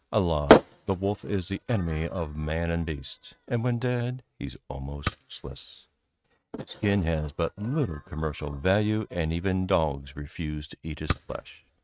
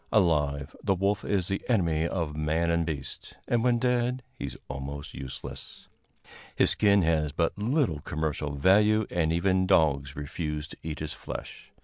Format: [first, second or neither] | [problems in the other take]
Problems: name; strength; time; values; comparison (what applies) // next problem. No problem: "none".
second | noise reduction (neural mask model RNNoise)